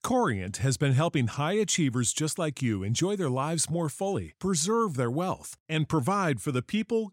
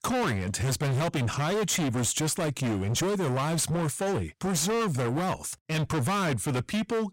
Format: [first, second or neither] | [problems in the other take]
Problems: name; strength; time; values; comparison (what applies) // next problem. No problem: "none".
first | distortion; heavy; 39% of the sound clipped